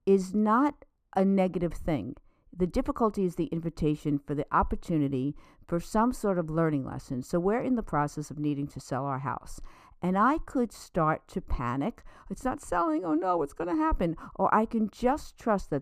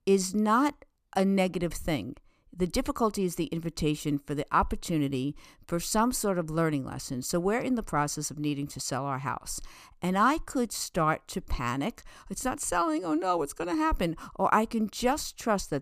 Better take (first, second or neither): second